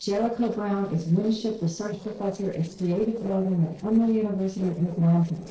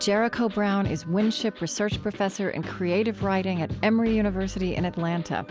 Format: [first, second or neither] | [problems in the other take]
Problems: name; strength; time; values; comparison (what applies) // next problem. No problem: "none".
second | noise reduction (neural separator model SepFormer DNS4)